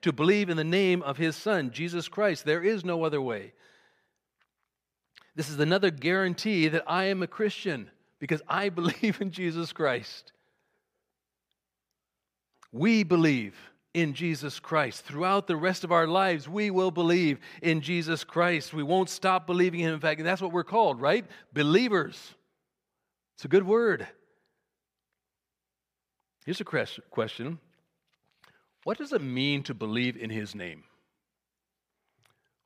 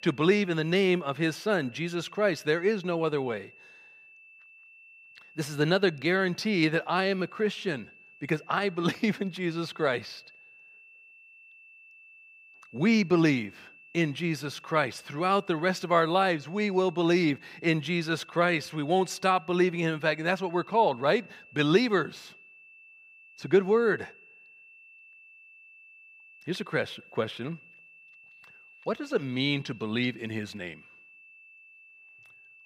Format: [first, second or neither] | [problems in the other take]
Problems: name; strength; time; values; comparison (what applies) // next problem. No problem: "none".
first | high-pitched whine; faint; throughout; 2.5 kHz, 25 dB below the speech